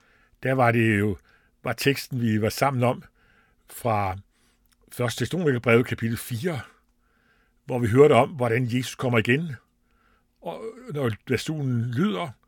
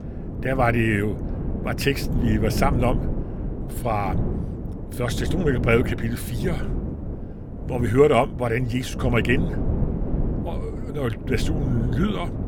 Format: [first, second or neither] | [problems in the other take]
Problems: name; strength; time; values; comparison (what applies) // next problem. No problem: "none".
first | wind noise on the microphone; occasional gusts; 10 dB below the speech